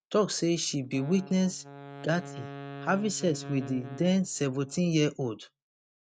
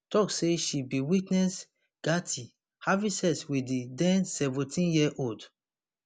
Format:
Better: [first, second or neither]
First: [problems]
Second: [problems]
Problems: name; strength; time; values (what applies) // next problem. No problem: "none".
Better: second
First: noise reduction (neural mask model RNNoise)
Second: none